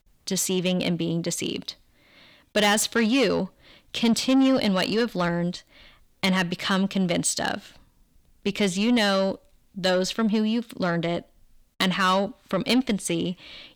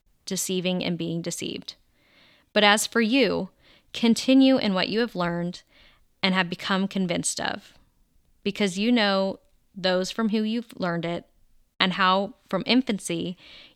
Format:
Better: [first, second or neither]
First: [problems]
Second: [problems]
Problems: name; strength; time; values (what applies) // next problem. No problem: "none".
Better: second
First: distortion; slight; 10 dB below the speech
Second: none